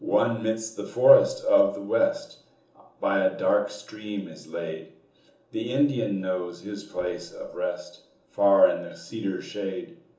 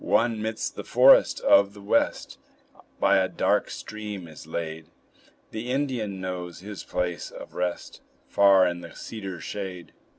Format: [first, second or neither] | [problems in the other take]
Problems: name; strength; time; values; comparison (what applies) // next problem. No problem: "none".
second | room echo; dies away in 0.6 s